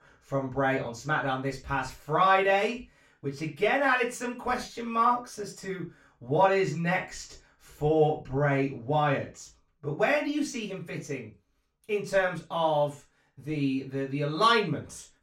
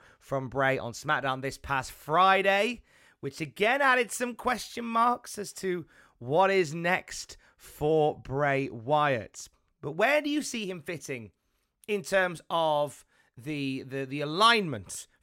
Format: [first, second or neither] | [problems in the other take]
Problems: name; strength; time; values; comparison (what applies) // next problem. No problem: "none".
second | room echo; slight; dies away in 0.2 s // off-mic speech; far